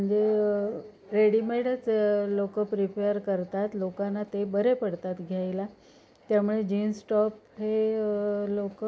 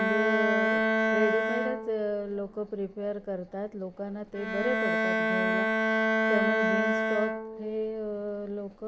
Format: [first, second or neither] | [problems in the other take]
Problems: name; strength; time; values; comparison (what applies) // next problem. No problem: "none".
first | background sound (Bowed string instrument); 4 dB above the speech